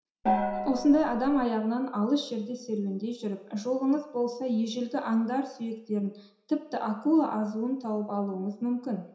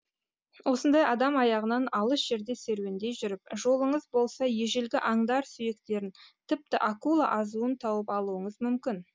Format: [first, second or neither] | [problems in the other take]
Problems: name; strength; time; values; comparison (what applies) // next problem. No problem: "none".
second | background sound (Gong); 2 dB below the speech // room echo; dies away in 0.7 s